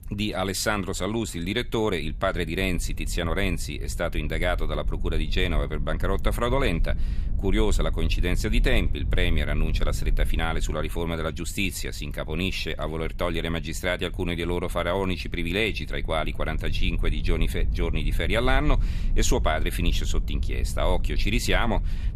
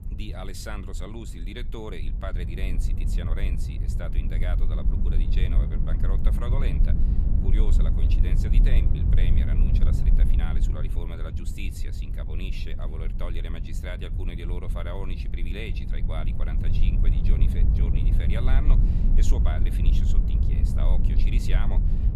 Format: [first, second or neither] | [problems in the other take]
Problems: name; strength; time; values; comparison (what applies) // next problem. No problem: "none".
first | low rumble; loud; throughout; 2 dB below the speech; faint in the first